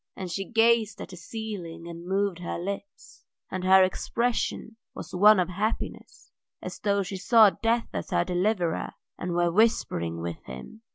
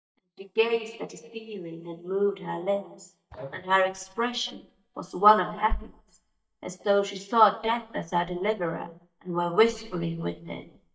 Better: first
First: none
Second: noise reduction (neural mask model DeepFilterNet 3)

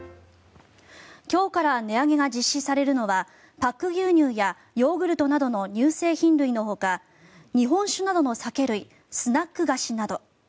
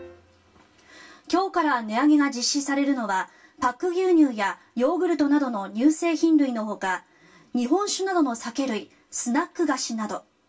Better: first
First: none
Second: room echo; dies away in 0.1 s

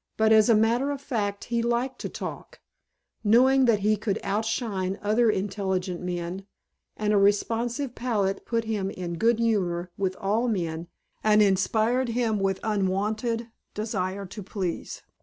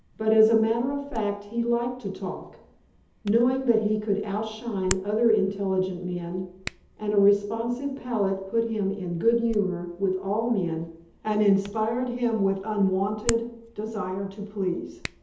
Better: first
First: none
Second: background sound (Hands); 17 dB below the speech // room echo; dies away in 0.8 s

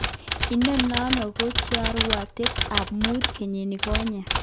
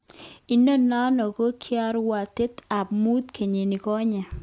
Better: second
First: background sound (Typewriter); as loud as the speech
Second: none

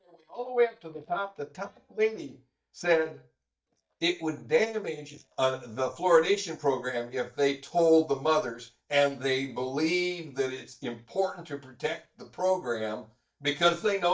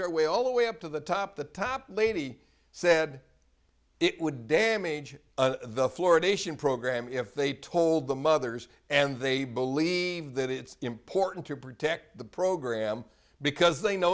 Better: second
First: noise reduction (neural mask model DeepFilterNet 3)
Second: none

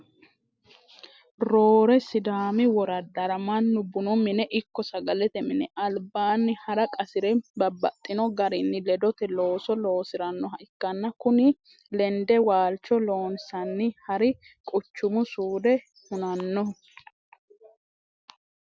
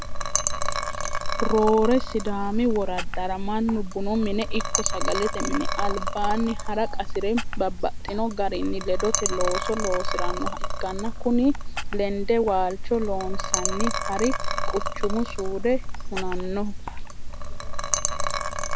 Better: first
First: none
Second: background sound (Liquid); 2 dB above the speech

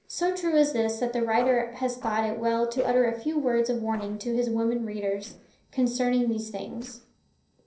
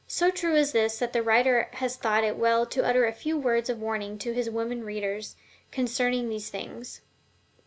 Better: second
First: noise reduction (neural separator model SepFormer DNS4)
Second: none

